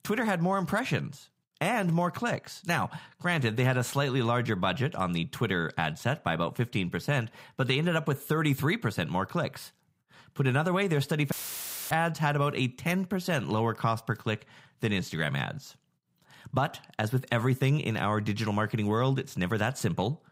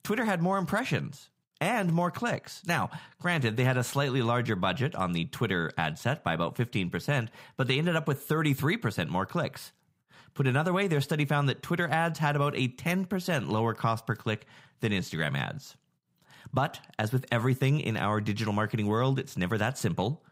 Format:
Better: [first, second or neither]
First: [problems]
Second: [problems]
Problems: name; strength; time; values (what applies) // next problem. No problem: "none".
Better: second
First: audio cutting out; filled with static; at 11 s for 0.5 s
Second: none